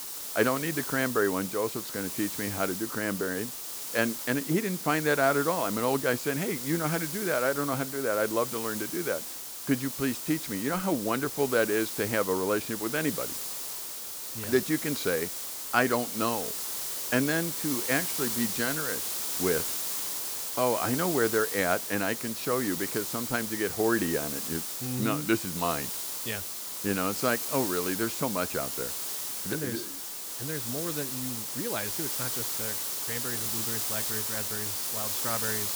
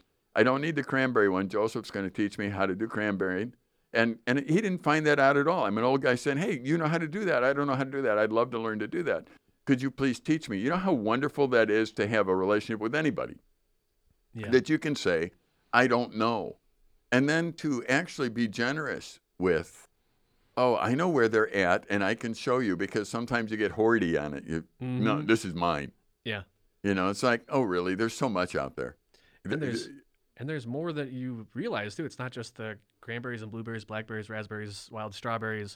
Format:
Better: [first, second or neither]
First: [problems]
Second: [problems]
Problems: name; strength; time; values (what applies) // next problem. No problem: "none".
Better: second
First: hiss; loud; throughout; 2 dB below the speech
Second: none